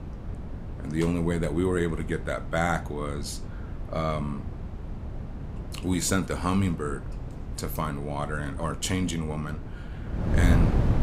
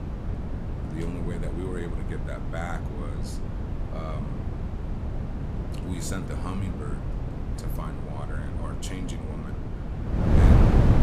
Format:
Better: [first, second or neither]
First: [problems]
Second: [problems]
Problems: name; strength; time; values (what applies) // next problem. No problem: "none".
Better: first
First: wind noise on the microphone; occasional gusts; 10 dB below the speech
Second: wind noise on the microphone; heavy; 2 dB above the speech